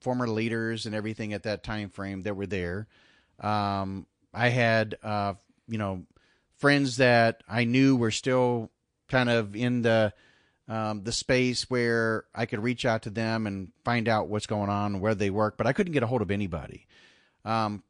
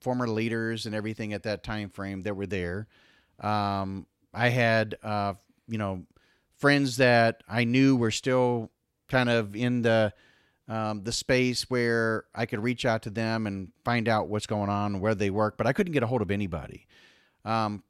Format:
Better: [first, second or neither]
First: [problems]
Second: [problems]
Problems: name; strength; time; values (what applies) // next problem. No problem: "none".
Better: second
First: garbled, watery; slightly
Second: none